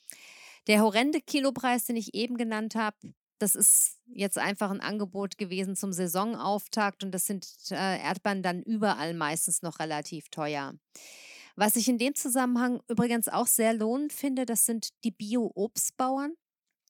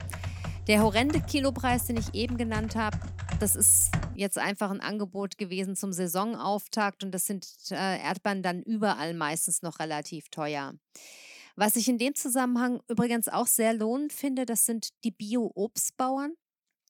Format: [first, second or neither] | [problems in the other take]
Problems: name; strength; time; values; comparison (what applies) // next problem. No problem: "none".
first | keyboard typing; noticeable; until 4 s; peak 5 dB below the speech